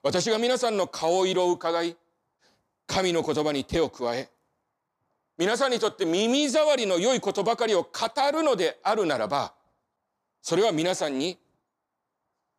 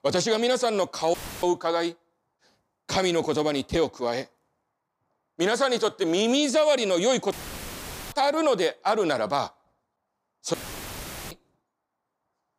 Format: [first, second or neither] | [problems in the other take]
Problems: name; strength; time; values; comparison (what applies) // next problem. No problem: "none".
first | audio cutting out; filled with static; at 1 s, at 7.5 s for 1 s and at 11 s for 1 s